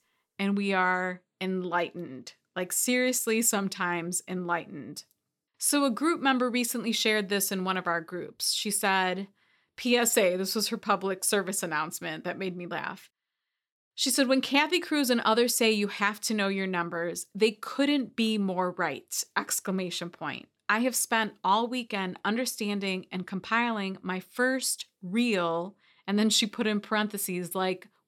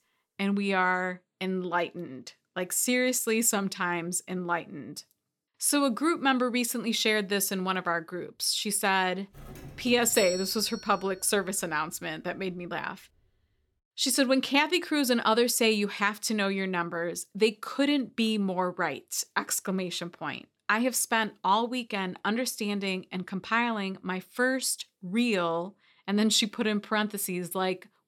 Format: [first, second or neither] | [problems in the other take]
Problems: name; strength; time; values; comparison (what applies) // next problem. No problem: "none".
first | doorbell; noticeable; from 9.5 to 11 s; peak 6 dB below the speech